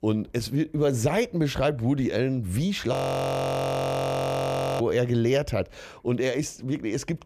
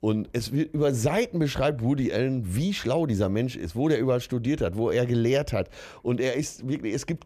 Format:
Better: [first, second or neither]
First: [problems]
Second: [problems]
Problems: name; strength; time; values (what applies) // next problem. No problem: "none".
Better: second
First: audio freezing; at 3 s for 2 s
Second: none